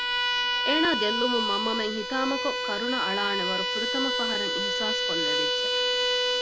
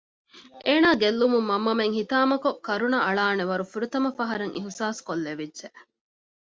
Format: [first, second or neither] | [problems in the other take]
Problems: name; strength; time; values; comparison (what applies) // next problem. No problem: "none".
second | background sound (Bowed string instrument); 4 dB above the speech